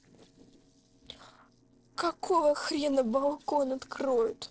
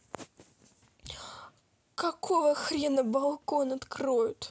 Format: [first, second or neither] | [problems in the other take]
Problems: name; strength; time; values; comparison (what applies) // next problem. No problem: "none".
second | noise reduction (neural separator model SepFormer DNS4)